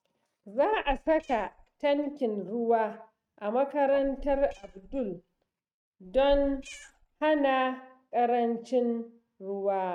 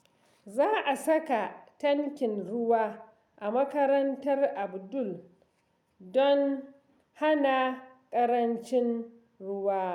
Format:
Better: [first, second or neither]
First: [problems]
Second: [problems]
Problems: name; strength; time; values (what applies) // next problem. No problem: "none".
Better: second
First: noise reduction (neural mask model RNNoise)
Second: none